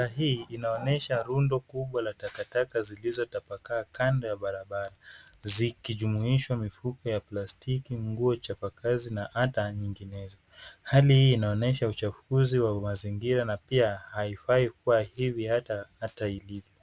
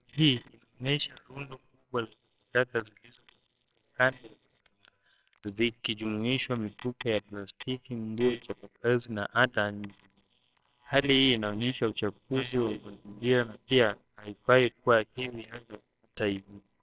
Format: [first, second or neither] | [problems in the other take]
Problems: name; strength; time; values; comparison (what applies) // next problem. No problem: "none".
first | noise reduction (neural separator model SepFormer WHAMR!)